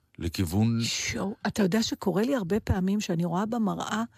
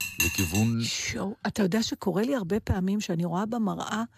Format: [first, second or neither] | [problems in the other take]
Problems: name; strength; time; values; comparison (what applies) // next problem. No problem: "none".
first | clattering dishes; loud; at the start; peak 2 dB above the speech